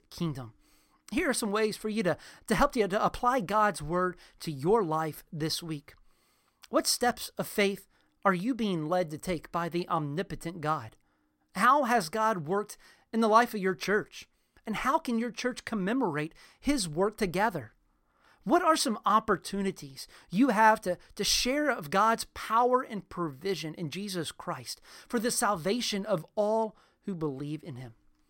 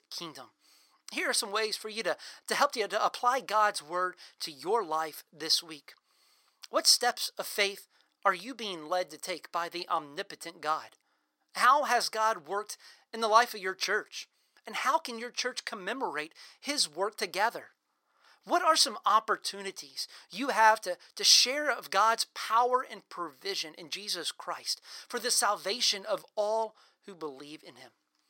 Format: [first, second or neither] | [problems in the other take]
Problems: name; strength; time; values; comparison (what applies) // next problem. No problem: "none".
first | thin; somewhat; fading below 550 Hz